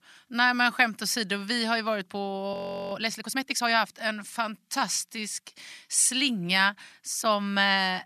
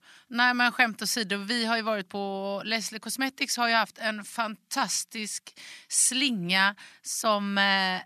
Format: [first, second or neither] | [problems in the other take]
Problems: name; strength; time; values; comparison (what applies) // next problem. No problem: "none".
second | audio freezing; at 2.5 s